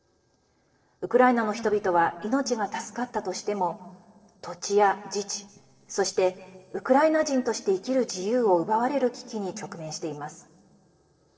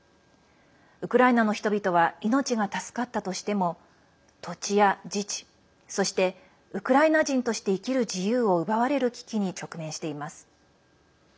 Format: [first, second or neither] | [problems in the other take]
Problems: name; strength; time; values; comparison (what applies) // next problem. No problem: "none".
second | noise reduction (neural separator model SepFormer DNS4)